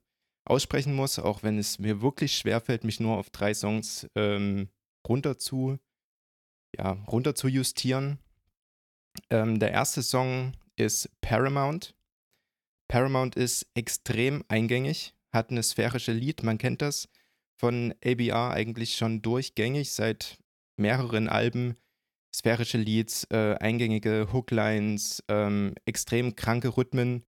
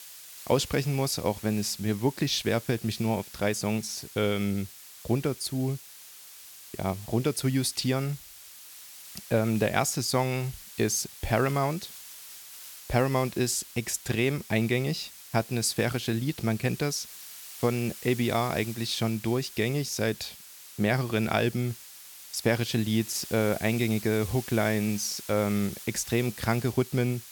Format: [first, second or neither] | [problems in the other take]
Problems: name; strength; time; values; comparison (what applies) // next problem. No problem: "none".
first | hiss; noticeable; throughout; 15 dB below the speech